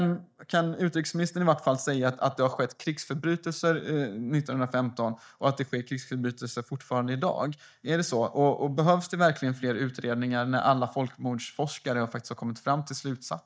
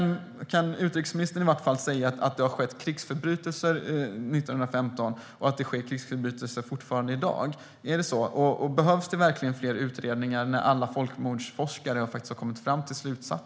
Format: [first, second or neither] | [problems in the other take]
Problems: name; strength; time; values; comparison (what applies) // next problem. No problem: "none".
second | noise reduction (neural mask model DeepFilterNet 3)